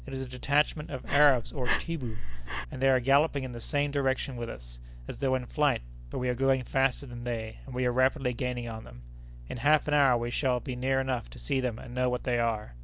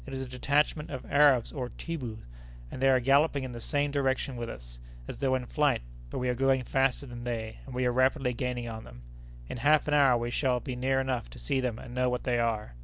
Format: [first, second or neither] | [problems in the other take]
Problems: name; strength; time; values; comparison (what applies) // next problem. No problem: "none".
second | background sound (Breathing); 2 dB above the speech